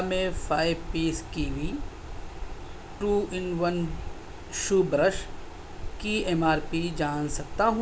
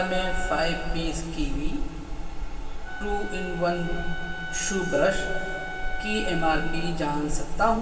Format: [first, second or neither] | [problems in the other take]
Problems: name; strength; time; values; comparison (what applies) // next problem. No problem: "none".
first | background sound (Wind instrument, woodwind instrument); 11 dB below the speech // room echo; dies away in 2.8 s